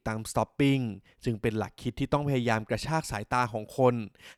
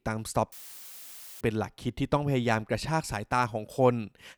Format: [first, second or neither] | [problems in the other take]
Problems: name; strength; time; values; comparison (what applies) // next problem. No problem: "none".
first | audio cutting out; filled with static; at 0.5 s for 1 s